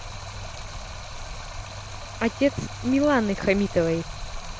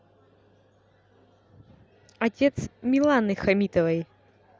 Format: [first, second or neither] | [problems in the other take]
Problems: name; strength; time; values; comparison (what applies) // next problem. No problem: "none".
second | background sound (Stream); 9 dB below the speech